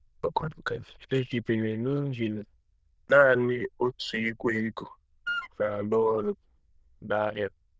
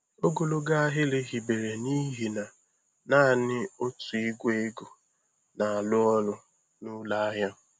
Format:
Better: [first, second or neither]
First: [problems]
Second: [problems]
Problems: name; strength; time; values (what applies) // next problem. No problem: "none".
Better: second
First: noise reduction (neural diffusion model UNIVERSE++)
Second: none